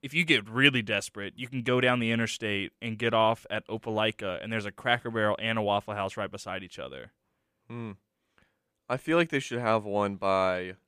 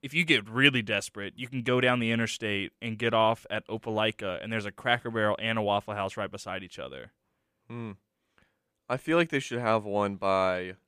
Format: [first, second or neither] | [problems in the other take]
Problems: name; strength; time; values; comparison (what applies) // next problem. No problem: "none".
neither | none